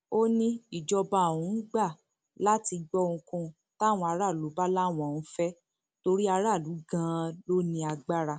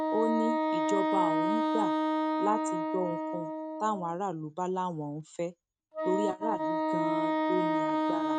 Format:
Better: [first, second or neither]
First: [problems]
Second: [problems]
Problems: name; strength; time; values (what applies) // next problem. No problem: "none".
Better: first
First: none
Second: noise reduction (neural mask model RNNoise)